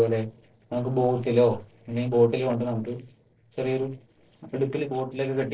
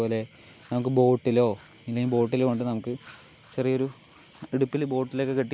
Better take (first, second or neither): second